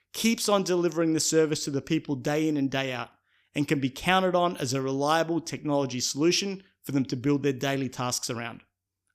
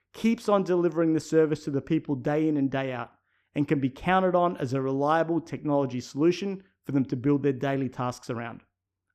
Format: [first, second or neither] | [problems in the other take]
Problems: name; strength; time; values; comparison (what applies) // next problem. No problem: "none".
first | muffled; very; fading above 2.5 kHz